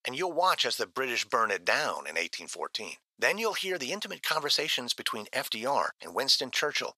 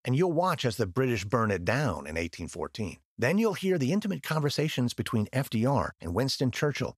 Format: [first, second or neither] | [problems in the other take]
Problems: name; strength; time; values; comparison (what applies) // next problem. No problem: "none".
second | thin; very; fading below 650 Hz